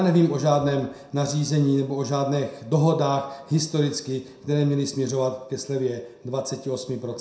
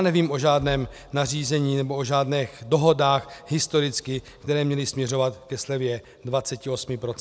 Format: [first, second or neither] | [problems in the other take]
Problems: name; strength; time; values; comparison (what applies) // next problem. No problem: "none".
second | room echo; dies away in 0.6 s